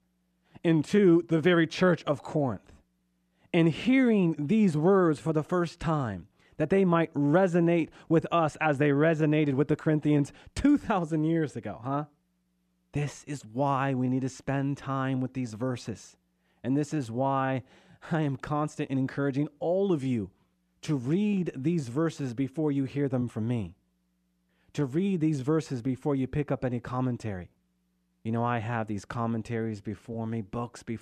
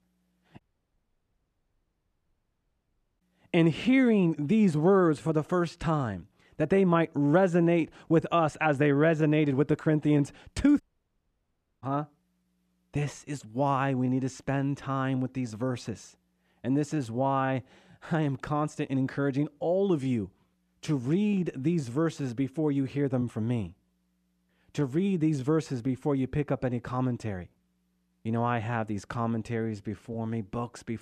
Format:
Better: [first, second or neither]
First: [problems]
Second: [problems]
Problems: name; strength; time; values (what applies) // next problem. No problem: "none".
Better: first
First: none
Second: audio cutting out; at 0.5 s for 2.5 s and at 11 s for 1 s